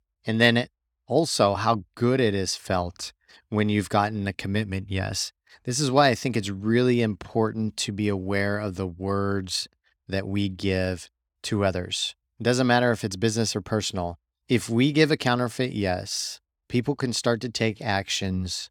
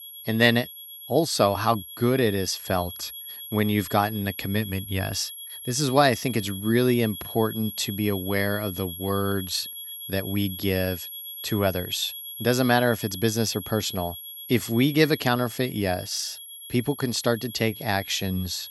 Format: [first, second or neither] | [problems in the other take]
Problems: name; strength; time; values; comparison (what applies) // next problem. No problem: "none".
first | high-pitched whine; noticeable; throughout; 11.5 kHz, 10 dB below the speech